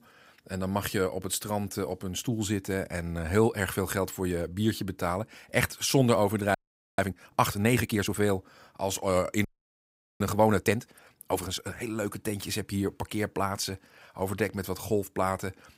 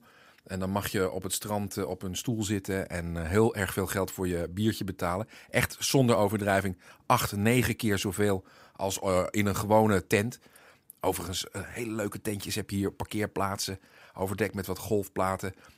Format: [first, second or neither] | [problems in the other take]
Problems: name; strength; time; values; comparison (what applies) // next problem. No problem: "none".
second | audio freezing; at 6.5 s and at 9.5 s for 1 s